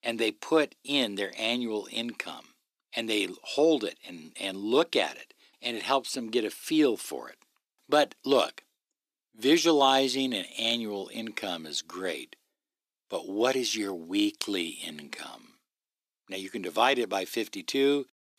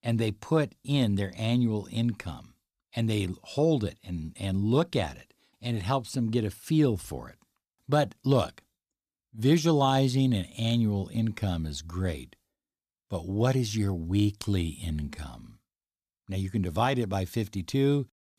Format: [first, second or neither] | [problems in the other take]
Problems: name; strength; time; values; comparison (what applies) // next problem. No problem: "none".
second | thin; somewhat; fading below 350 Hz